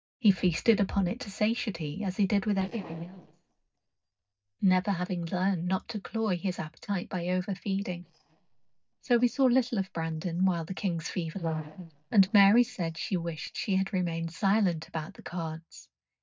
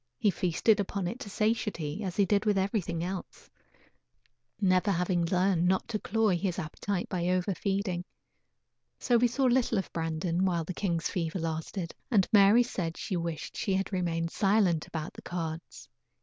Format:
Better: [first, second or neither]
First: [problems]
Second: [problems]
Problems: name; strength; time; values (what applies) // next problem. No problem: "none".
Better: second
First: noise reduction (neural mask model DeepFilterNet 3)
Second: none